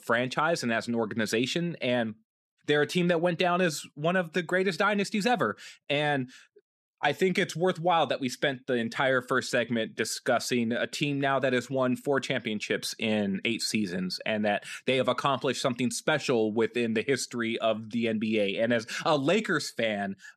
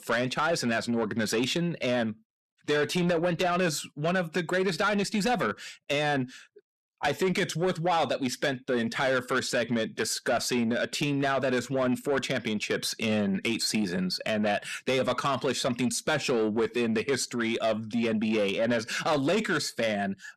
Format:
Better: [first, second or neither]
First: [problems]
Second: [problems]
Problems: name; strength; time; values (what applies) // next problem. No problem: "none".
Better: first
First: none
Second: distortion; slight; 10 dB below the speech